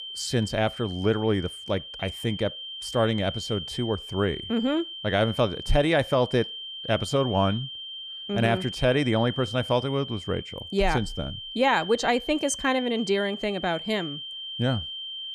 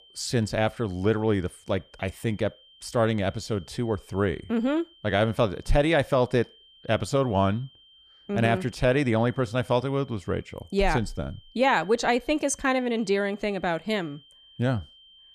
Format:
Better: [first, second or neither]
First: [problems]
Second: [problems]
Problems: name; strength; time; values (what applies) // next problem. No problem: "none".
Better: second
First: high-pitched whine; loud; throughout; 3 kHz, 9 dB below the speech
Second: high-pitched whine; faint; throughout; 3 kHz, 25 dB below the speech